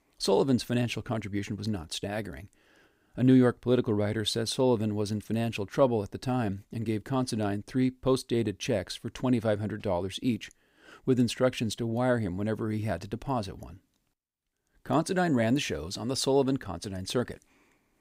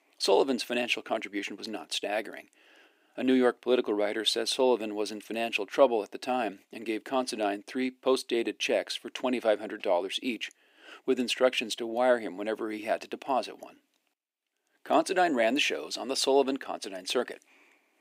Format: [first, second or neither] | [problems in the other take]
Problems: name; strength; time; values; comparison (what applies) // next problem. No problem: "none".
first | thin; somewhat; fading below 300 Hz